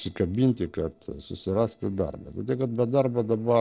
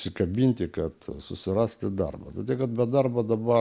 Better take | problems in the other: second | noise reduction (neural separator model SepFormer DNS4)

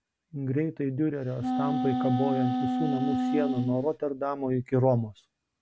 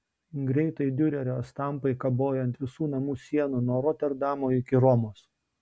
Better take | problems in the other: second | background sound (Wind instrument, woodwind instrument); 1 dB above the speech

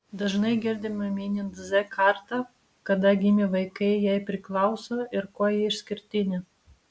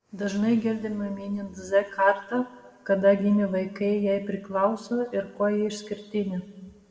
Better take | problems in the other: first | room echo; dies away in 1.3 s

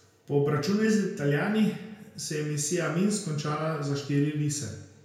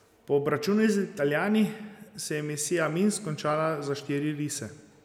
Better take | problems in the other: second | room echo; dies away in 0.5 s

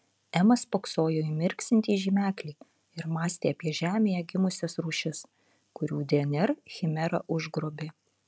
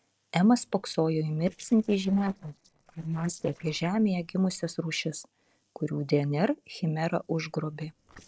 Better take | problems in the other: first | noise reduction (neural separator model SepFormer DNS4)

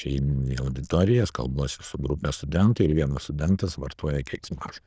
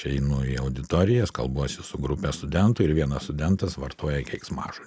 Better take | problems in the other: second | noise reduction (neural diffusion model UNIVERSE++)

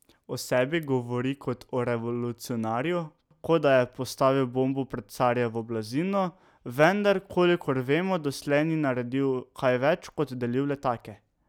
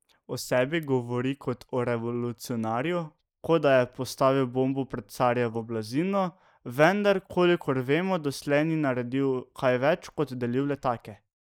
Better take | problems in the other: first | noise reduction (neural mask model Resemble Enhance denoiser)

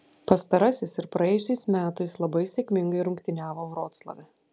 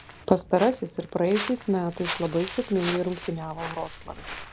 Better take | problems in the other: first | background sound (Walk, footsteps); 11 dB below the speech

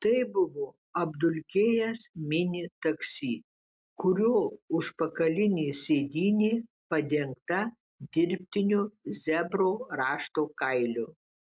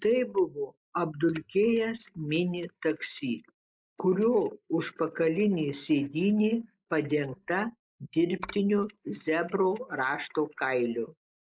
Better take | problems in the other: first | noise reduction (neural mask model Resemble Enhance denoiser)

